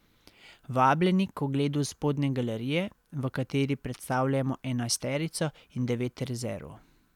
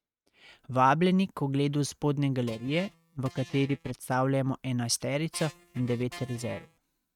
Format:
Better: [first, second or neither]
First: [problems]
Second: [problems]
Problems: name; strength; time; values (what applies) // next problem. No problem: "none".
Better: first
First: none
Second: noise reduction (neural mask model RNNoise)